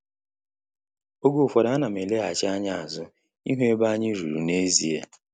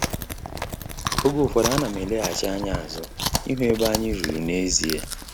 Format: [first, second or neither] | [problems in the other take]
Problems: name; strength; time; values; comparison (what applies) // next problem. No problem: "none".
first | background sound (Chewing, mastication); 4 dB below the speech